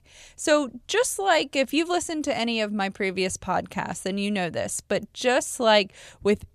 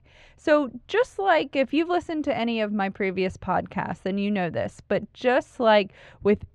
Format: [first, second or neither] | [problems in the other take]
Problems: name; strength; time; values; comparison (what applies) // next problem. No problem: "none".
first | muffled; slightly; fading above 2 kHz